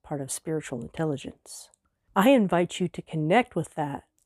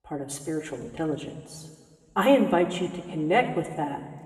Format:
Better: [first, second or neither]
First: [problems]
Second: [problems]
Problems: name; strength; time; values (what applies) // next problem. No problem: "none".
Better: first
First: none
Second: room echo; slight; dies away in 2 s // off-mic speech; somewhat distant